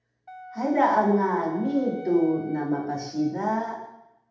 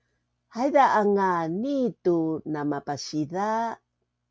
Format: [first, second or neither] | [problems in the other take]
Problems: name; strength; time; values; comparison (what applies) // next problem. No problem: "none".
second | background sound (Wind instrument, woodwind instrument); 19 dB below the speech // room echo; dies away in 0.8 s